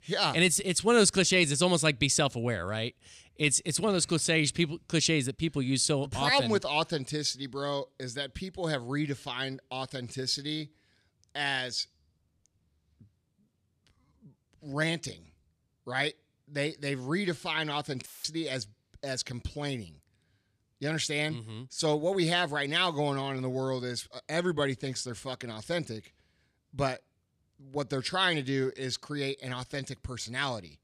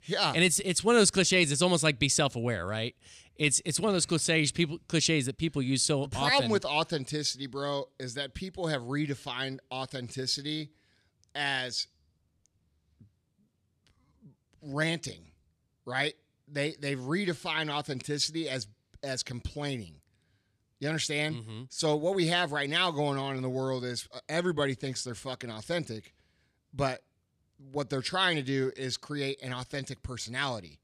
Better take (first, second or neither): second